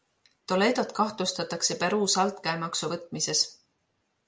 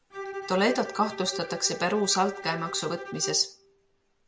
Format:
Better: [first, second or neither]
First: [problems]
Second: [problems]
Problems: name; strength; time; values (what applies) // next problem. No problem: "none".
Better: first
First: none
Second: background sound (Bowed string instrument); 11 dB below the speech